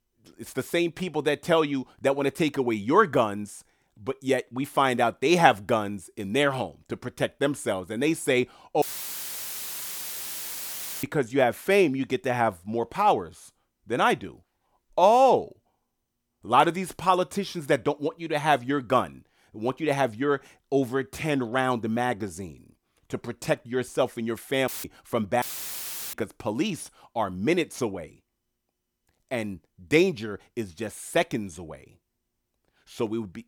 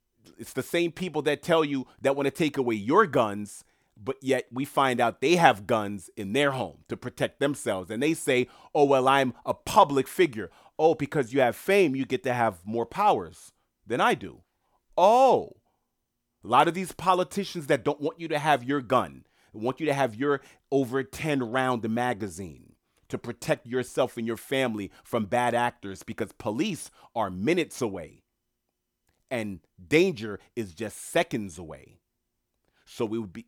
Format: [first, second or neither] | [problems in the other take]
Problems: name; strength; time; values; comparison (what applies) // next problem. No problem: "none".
second | audio cutting out; filled with static; at 9 s for 2 s and at 25 s for 0.5 s